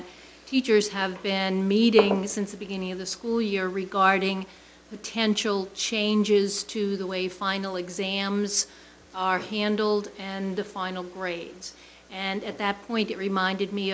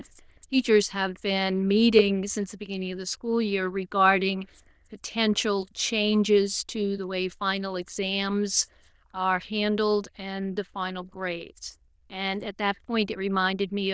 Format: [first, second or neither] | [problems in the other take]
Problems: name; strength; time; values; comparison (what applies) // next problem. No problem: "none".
first | noise reduction (neural diffusion model UNIVERSE++)